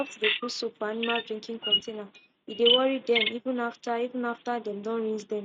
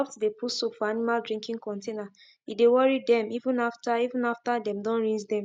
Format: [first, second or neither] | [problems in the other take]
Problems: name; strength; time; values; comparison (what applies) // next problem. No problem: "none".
second | noise reduction (neural mask model RNNoise)